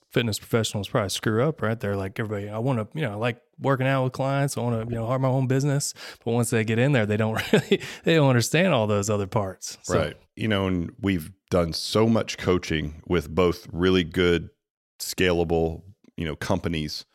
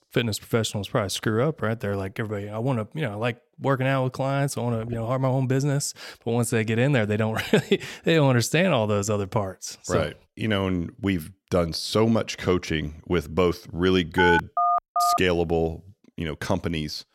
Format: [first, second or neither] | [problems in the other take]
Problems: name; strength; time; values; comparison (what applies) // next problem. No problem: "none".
first | phone ringing; loud; at 14 s; peak 2 dB above the speech